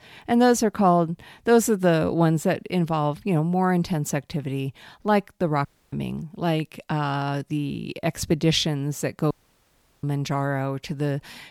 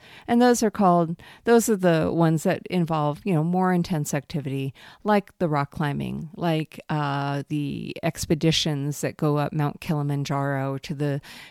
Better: second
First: audio cutting out; at 5.5 s and at 9.5 s for 0.5 s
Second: none

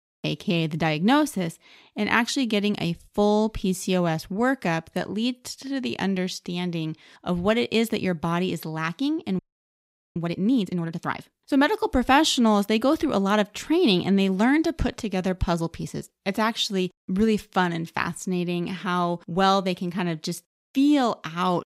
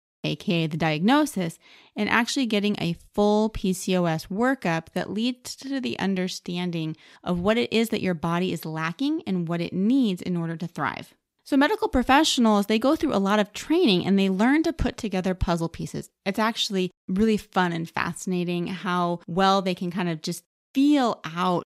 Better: second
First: audio freezing; at 9.5 s for 1 s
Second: none

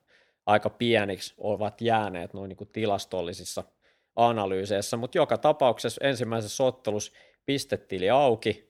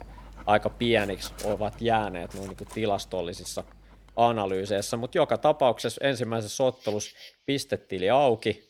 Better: first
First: none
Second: animal sounds; faint; throughout; 20 dB below the speech

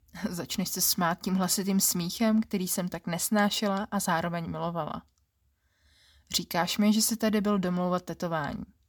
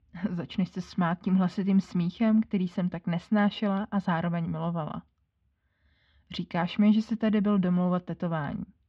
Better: first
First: none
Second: muffled; very; fading above 3 kHz

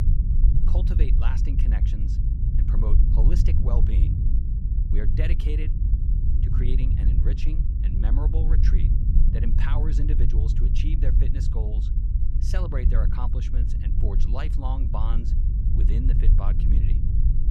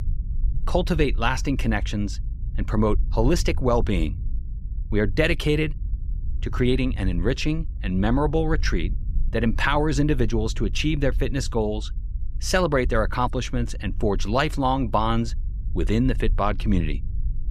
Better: second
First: low rumble; loud; throughout; 2 dB below the speech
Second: low rumble; faint; throughout; 25 dB below the speech

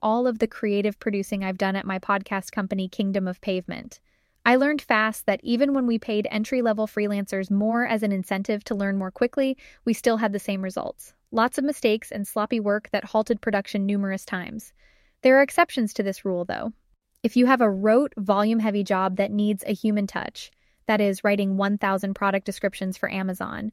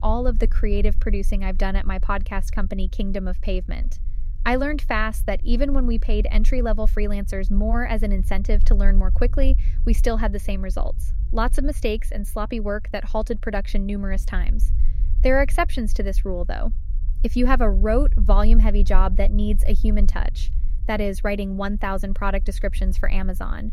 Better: first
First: none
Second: low rumble; faint; throughout; 20 dB below the speech

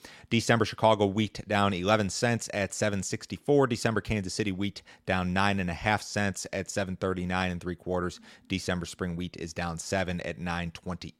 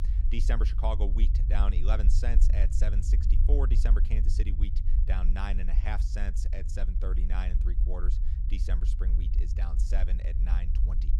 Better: first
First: none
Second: low rumble; loud; throughout; 8 dB below the speech

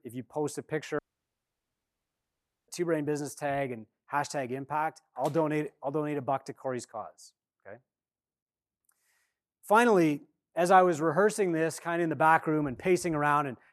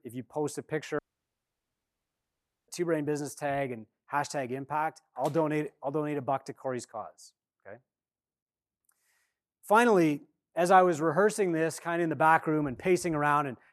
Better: neither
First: audio cutting out; at 1 s for 1.5 s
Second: audio cutting out; at 1 s for 1.5 s

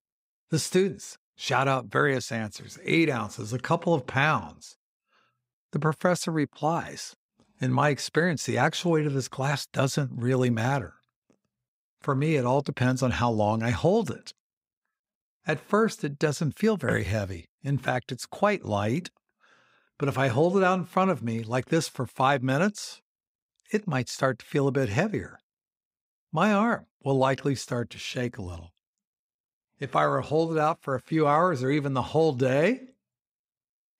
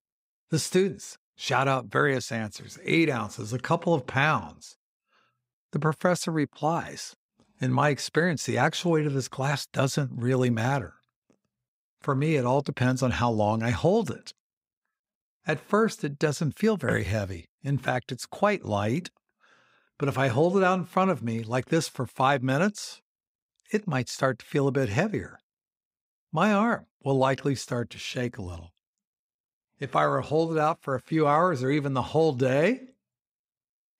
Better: neither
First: none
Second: none

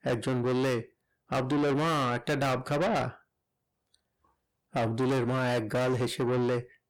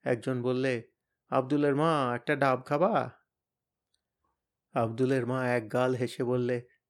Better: second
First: distortion; heavy; 5 dB below the speech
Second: none

